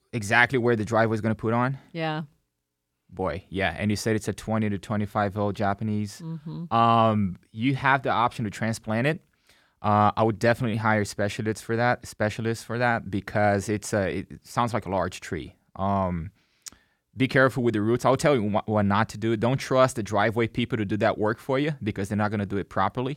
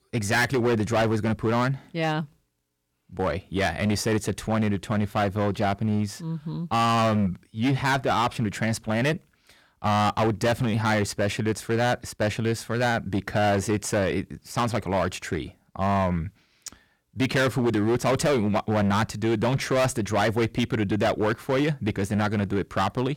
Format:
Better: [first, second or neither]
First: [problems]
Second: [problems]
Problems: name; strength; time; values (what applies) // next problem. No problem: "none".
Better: first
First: none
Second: distortion; heavy; 13% of the sound clipped